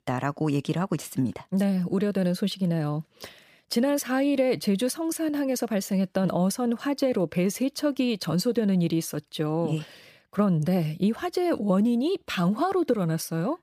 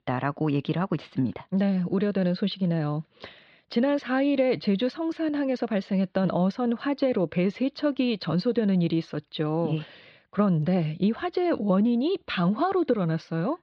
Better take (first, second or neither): first